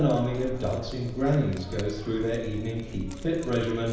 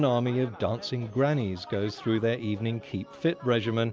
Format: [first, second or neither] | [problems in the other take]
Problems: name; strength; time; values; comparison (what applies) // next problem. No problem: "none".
second | background sound (Keys jangling); 12 dB below the speech // room echo; dies away in 0.9 s